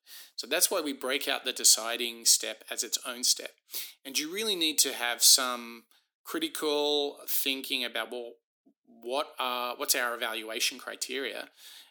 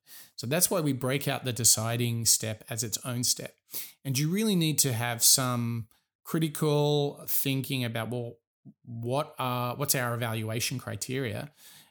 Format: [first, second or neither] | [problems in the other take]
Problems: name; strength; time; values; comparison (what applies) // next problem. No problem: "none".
second | thin; somewhat; fading below 300 Hz